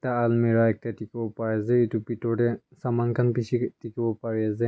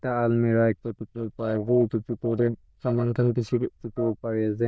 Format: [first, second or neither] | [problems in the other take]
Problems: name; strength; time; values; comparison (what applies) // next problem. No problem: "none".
first | noise reduction (neural diffusion model UNIVERSE++)